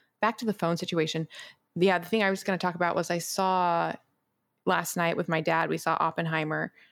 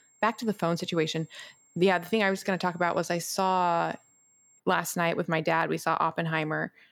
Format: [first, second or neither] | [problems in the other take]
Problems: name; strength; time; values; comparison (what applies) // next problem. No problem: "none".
first | high-pitched whine; faint; until 4.5 s; 7.5 kHz, 30 dB below the speech